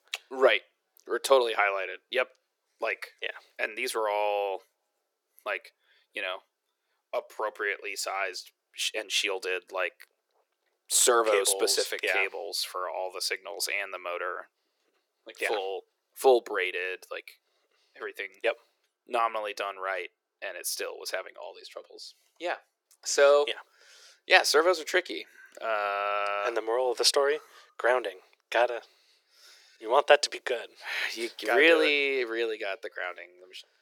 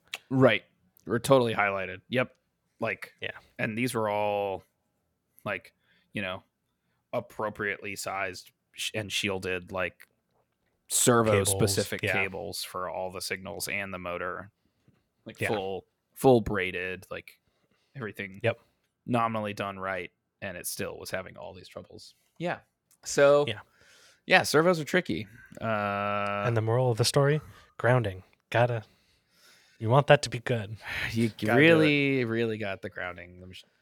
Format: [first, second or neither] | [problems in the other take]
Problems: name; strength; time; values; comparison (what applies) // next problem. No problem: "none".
second | thin; very; fading below 350 Hz